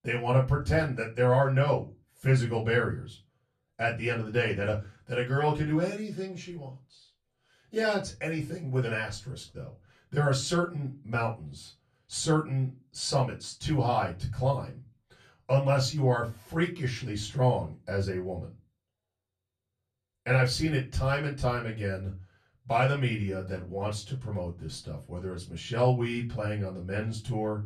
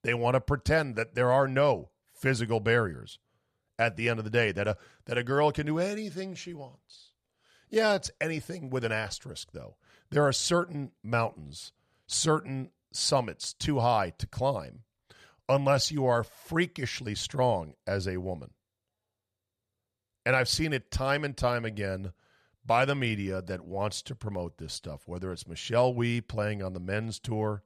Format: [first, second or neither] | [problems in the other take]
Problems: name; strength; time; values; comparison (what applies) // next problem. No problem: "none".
second | off-mic speech; far // room echo; very slight; dies away in 0.2 s